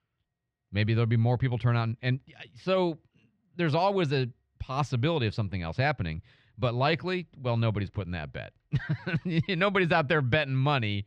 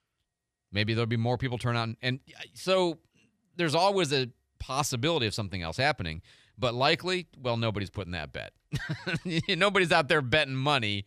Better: second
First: muffled; slightly; fading above 3 kHz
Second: none

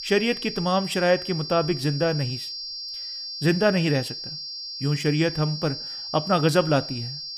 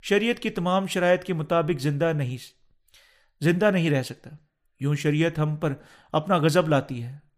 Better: second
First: high-pitched whine; loud; throughout; 5 kHz, 8 dB below the speech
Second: none

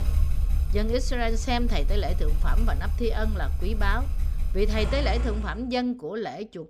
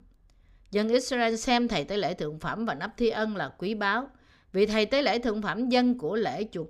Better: second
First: traffic noise; very loud; until 5 s; 1 dB above the speech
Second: none

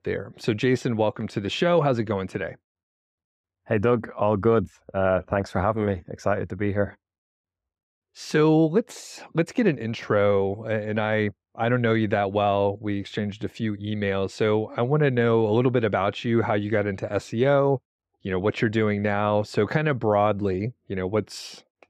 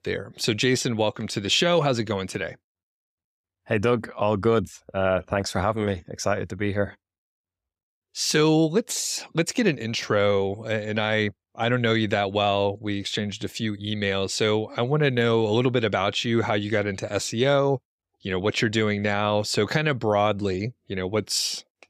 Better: second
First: muffled; slightly; fading above 2.5 kHz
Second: none

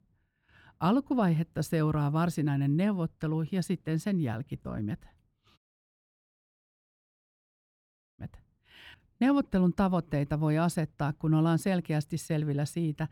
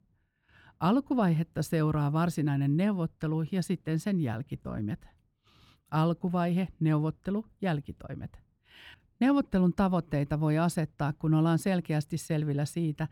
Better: second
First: audio cutting out; at 5.5 s for 2.5 s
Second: none

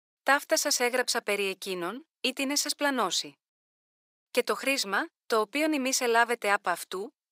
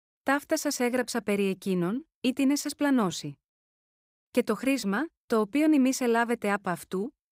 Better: second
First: thin; somewhat; fading below 550 Hz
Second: none

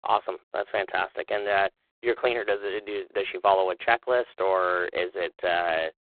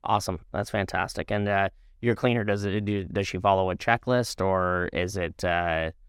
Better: second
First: phone-call audio; poor line; nothing above 4 kHz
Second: none

